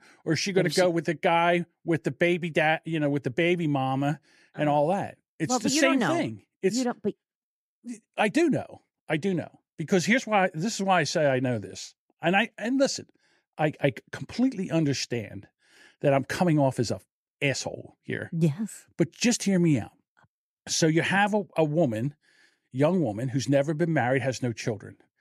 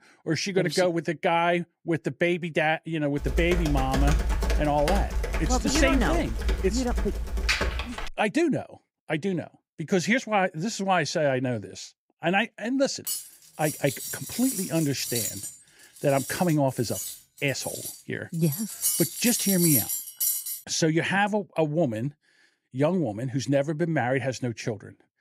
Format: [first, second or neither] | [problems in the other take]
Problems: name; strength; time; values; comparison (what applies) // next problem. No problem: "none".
first | keyboard typing; loud; from 3 to 8 s; peak 1 dB above the speech // clattering dishes; loud; from 13 to 21 s; peak 4 dB above the speech